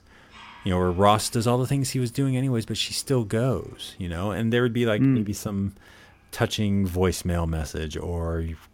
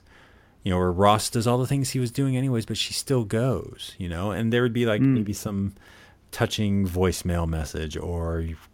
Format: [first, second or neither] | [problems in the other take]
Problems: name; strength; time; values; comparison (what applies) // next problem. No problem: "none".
second | animal sounds; faint; throughout; 30 dB below the speech